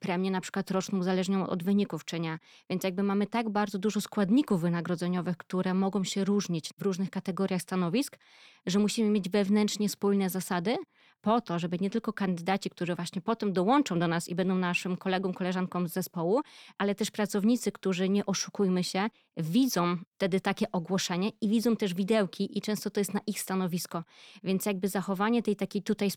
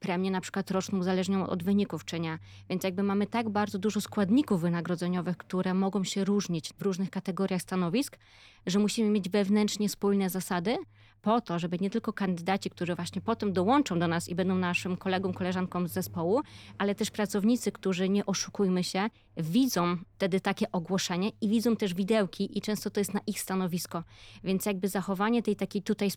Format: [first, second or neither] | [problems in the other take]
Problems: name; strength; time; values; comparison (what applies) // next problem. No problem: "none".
first | traffic noise; faint; throughout; 25 dB below the speech